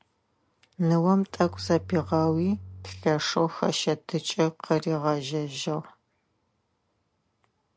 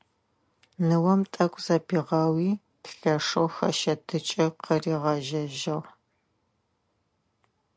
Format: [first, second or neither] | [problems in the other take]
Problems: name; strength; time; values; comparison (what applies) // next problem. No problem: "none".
second | background sound (Bowed string instrument); 15 dB below the speech